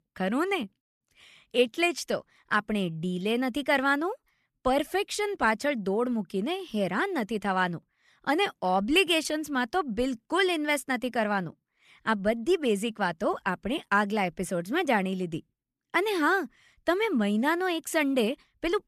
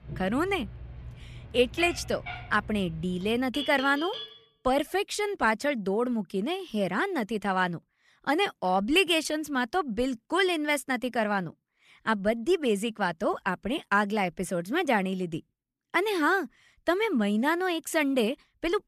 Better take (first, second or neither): first